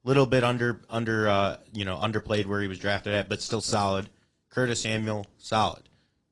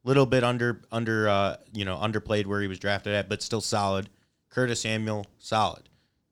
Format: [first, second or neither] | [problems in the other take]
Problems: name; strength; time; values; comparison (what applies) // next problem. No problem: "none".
second | garbled, watery; slightly